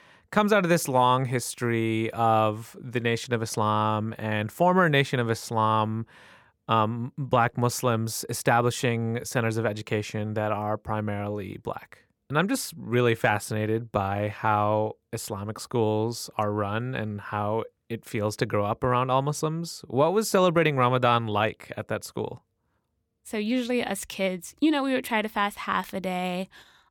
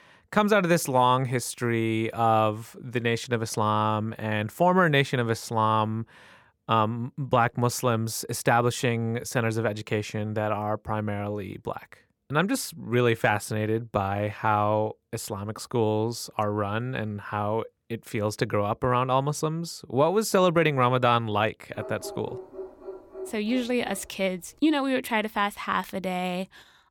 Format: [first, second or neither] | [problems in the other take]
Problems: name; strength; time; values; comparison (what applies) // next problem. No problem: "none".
first | dog barking; faint; from 22 to 24 s; peak 15 dB below the speech